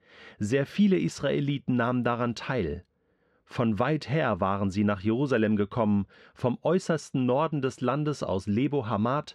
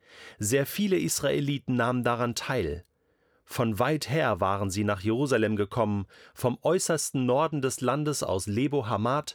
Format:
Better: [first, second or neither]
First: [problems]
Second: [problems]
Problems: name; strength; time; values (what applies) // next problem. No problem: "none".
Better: second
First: muffled; slightly; fading above 3.5 kHz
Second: none